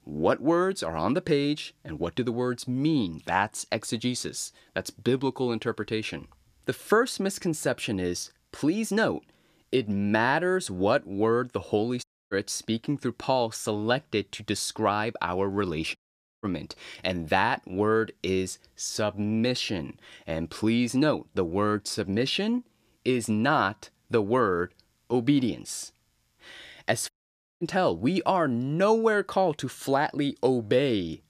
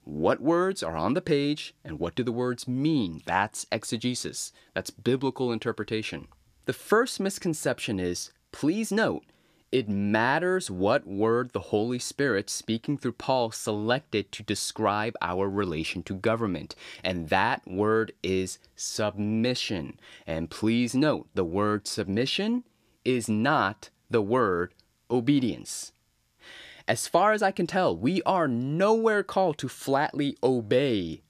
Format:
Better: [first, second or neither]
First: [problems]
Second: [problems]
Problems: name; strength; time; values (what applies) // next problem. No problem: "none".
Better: second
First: audio cutting out; at 12 s, at 16 s and at 27 s for 0.5 s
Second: none